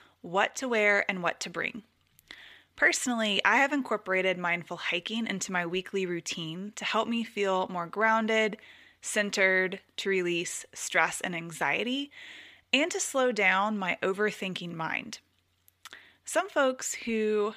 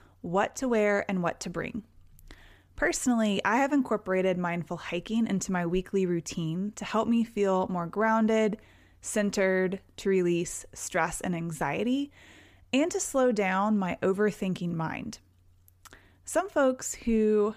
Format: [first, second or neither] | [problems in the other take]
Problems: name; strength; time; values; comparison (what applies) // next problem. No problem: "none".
second | thin; very slightly; fading below 350 Hz